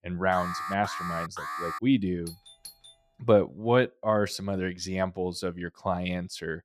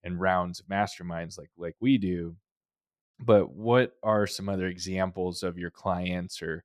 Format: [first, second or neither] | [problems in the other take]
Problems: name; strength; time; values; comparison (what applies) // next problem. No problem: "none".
second | alarm; noticeable; until 2 s; peak 5 dB below the speech // doorbell; faint; at 2.5 s; peak 20 dB below the speech